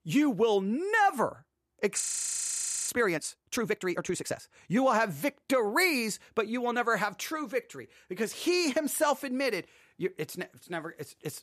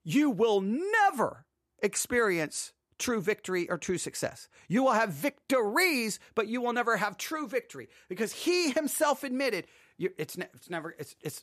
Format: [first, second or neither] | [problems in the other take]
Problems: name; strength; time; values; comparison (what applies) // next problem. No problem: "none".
second | audio freezing; at 2 s for 1 s